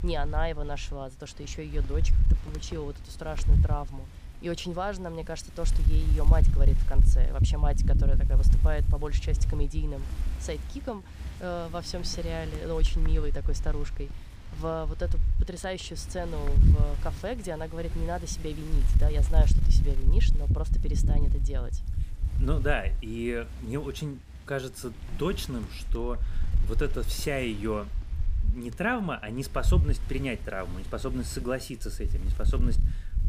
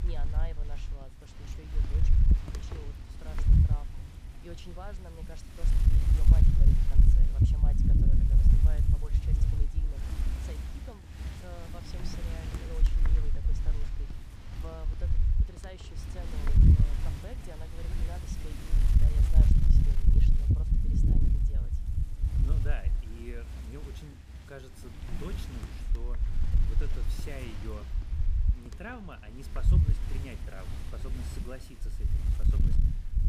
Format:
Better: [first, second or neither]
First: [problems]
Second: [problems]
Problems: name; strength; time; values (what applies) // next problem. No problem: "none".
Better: first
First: wind noise on the microphone; occasional gusts; 10 dB below the speech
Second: wind noise on the microphone; heavy; 4 dB above the speech